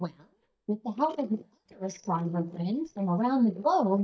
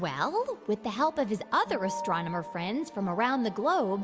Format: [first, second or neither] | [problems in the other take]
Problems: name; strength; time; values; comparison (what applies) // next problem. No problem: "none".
second | noise reduction (neural mask model DeepFilterNet 3)